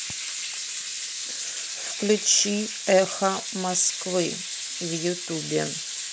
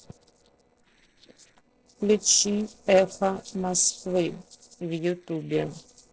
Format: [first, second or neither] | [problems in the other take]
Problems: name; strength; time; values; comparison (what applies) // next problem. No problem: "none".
first | noise reduction (neural separator model SepFormer DNS4)